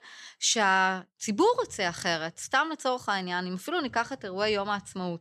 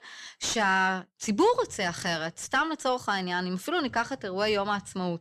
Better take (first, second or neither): first